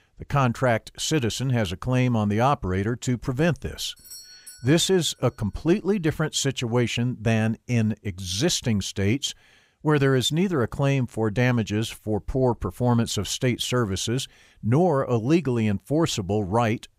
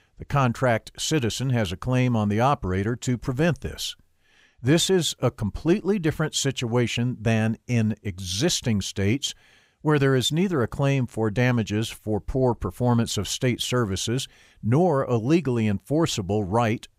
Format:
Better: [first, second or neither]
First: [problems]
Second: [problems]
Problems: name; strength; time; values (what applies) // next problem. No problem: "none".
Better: second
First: doorbell; faint; at 4 s; peak 15 dB below the speech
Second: none